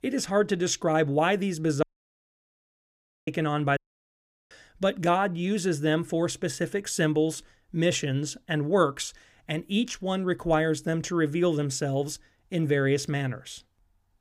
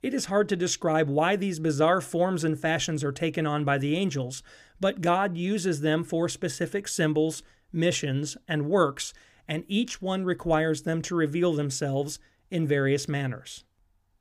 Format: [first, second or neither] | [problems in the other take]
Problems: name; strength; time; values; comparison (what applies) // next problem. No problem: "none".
second | audio cutting out; at 2 s for 1.5 s and at 4 s for 0.5 s